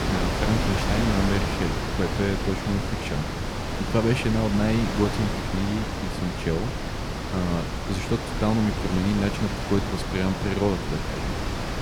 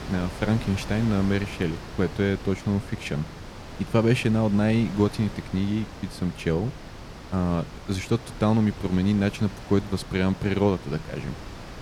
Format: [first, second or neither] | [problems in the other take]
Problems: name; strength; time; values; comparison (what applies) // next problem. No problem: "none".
second | wind noise on the microphone; heavy; 1 dB above the speech; occasional gusts in the second